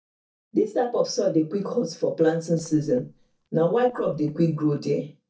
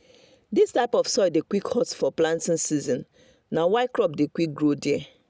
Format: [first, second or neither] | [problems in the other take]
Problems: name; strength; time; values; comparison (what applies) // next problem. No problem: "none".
second | noise reduction (neural mask model DeepFilterNet 3)